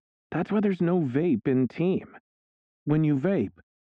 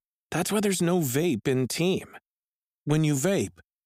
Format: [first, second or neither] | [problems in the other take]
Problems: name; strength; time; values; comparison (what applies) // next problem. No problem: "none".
second | muffled; very; fading above 2 kHz